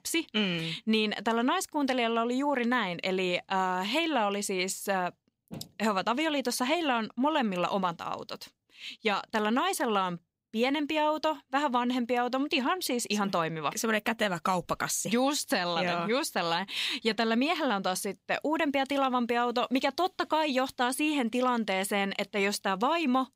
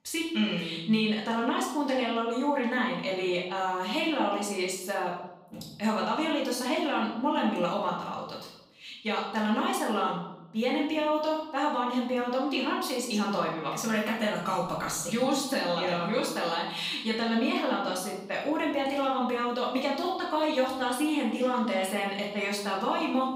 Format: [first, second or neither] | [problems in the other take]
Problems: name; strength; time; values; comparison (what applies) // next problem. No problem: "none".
first | off-mic speech; far // room echo; noticeable; dies away in 0.7 s